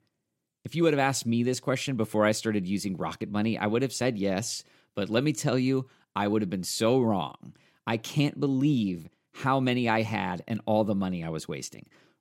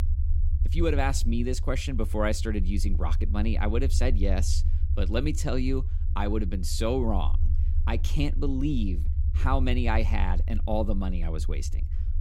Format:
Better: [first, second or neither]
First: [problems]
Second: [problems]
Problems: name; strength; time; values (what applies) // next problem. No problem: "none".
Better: first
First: none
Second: low rumble; noticeable; throughout; 15 dB below the speech